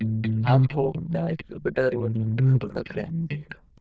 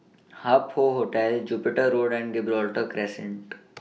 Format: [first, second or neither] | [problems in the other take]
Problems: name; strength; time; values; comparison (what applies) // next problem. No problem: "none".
second | noise reduction (neural diffusion model UNIVERSE++)